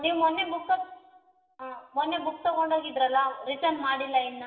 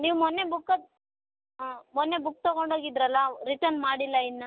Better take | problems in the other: second | room echo; dies away in 1.1 s

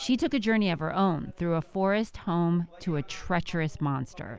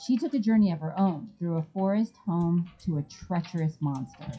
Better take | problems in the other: first | noise reduction (classical method WPE with log-MMSE)

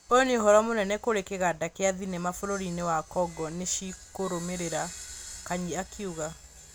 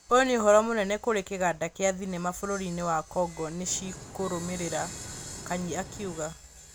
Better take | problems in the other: first | background sound (Boat, Water vehicle); 16 dB below the speech

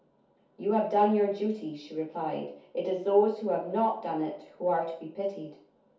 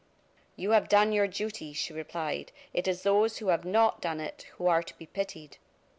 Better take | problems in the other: second | room echo; dies away in 0.5 s

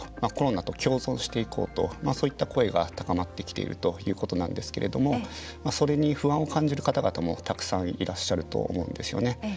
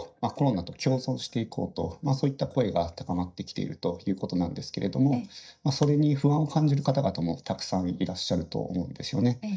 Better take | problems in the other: first | noise reduction (neural mask model DeepFilterNet 3)

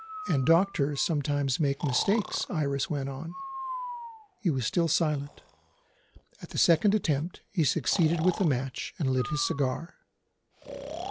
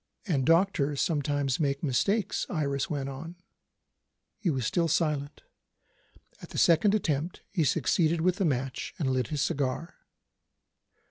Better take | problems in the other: second | background sound (Breathing); 14 dB below the speech

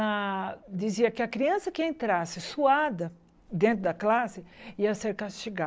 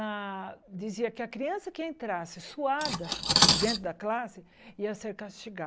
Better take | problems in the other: first | background sound (Cutlery, silverware); 4 dB above the speech

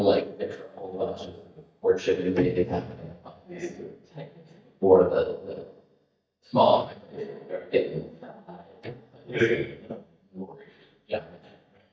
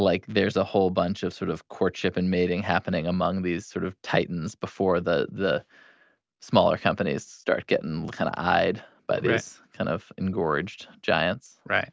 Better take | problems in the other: second | noise reduction (neural mask model DeepFilterNet 3)

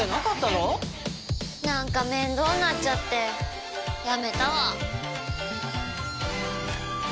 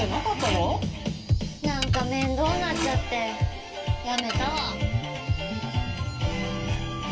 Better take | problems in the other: first | background sound (Dishes, pots, and pans / Glass); 12 dB below the speech // room echo; dies away in 0.2 s

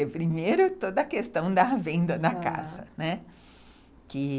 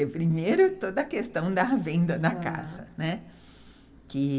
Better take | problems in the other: first | room echo; dies away in 0.3 s

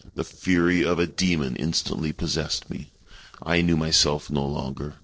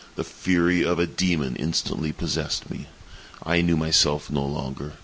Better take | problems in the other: second | noise reduction (neural separator model SepFormer DNS4)

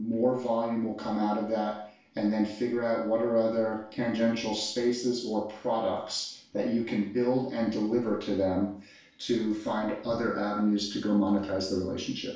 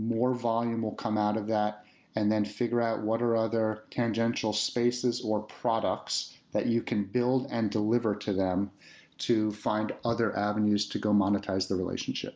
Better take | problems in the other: second | room echo; dies away in 0.5 s

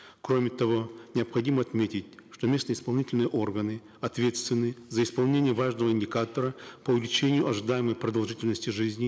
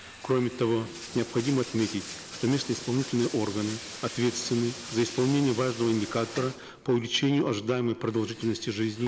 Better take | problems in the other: first | background sound (Bathtub (filling or washing)); 14 dB below the speech

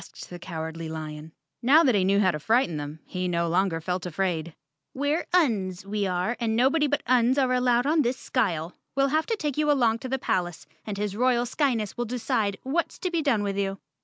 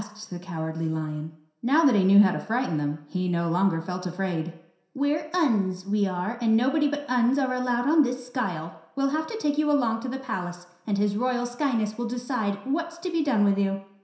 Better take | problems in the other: first | room echo; dies away in 0.7 s

